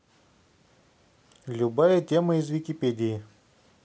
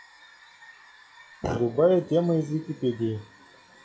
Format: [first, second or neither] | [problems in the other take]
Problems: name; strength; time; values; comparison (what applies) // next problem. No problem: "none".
first | noise reduction (classical method log-MMSE)